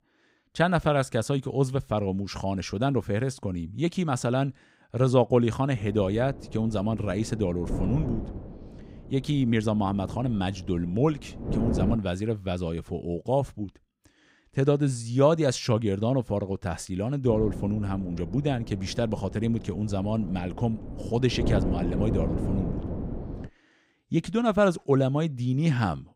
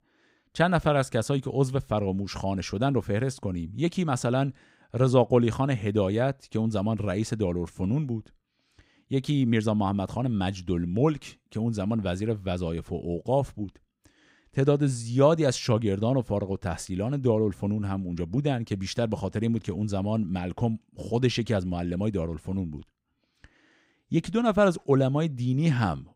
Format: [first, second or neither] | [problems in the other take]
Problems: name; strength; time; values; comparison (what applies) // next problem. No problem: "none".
second | wind noise on the microphone; occasional gusts; from 6 to 12 s and from 17 to 23 s; 10 dB below the speech